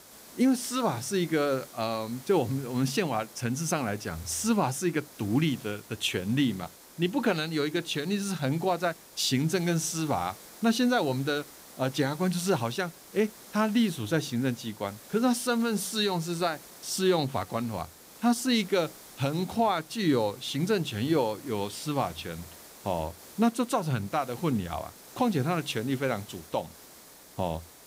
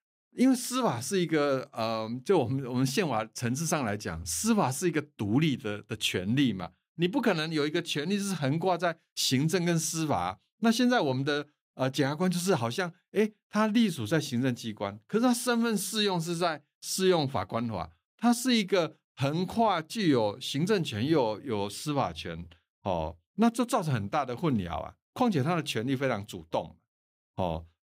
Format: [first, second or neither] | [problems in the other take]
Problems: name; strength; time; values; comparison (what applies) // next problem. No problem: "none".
second | hiss; noticeable; throughout; 20 dB below the speech